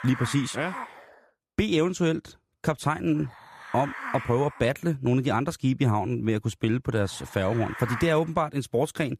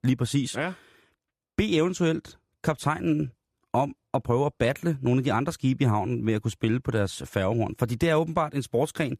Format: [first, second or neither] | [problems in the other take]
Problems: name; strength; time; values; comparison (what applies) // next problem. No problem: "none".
second | hiss; noticeable; until 1 s, from 2 to 4.5 s and from 6 to 8 s; 10 dB below the speech